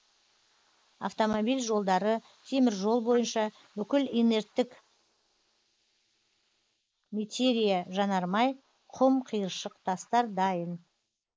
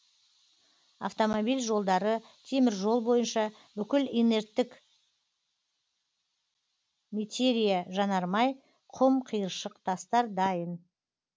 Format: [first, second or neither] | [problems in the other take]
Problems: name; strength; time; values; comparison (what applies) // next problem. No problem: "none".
second | noise reduction (neural mask model Resemble Enhance denoiser)